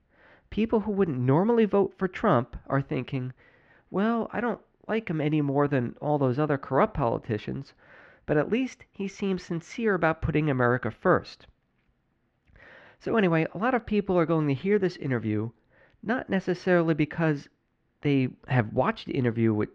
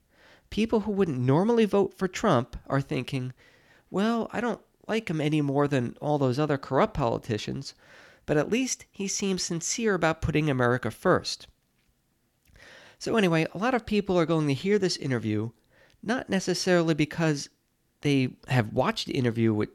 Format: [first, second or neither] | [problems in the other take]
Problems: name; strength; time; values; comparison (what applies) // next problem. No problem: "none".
second | muffled; very; fading above 2 kHz